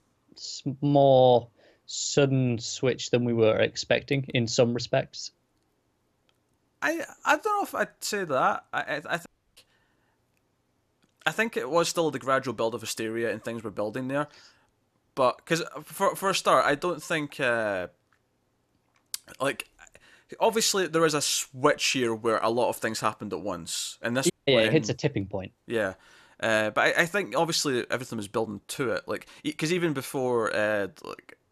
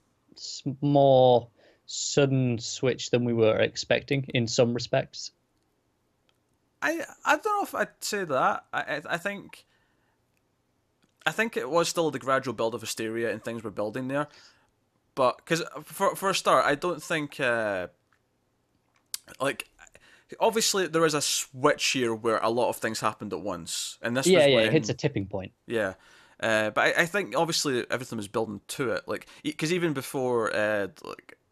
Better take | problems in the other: second | audio cutting out; at 9.5 s and at 24 s

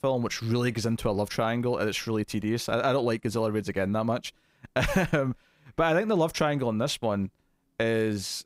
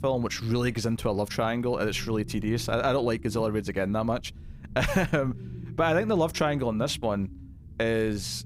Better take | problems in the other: first | low rumble; faint; throughout; 25 dB below the speech

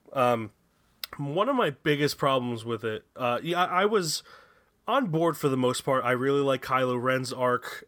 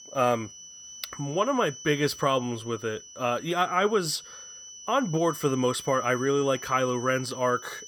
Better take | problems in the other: first | high-pitched whine; noticeable; throughout; 6 kHz, 15 dB below the speech

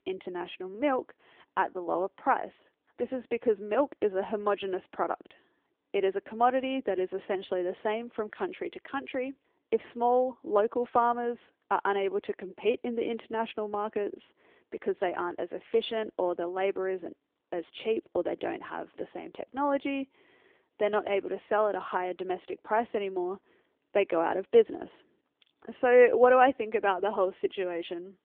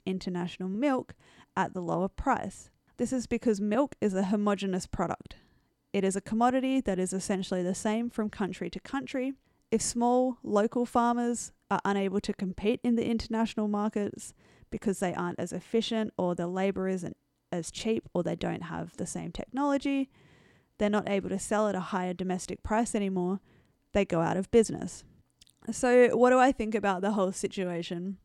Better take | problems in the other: second | phone-call audio

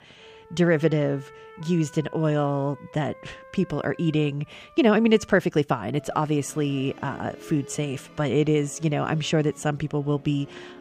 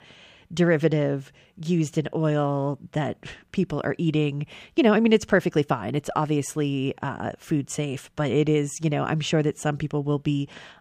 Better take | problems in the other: second | background music; faint; throughout; 20 dB below the speech

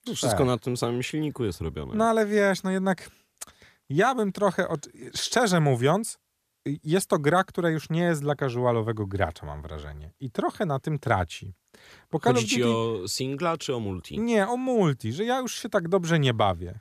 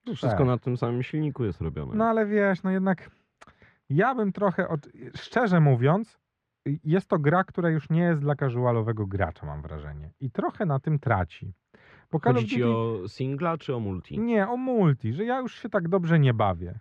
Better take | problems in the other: first | muffled; very; fading above 2 kHz

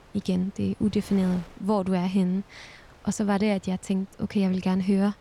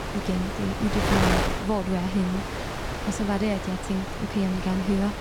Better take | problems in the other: first | wind noise on the microphone; heavy; 2 dB above the speech; occasional gusts in the first

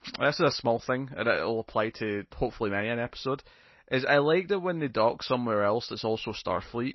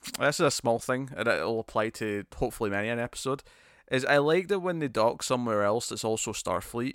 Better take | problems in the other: second | garbled, watery; slightly; nothing above 5.5 kHz

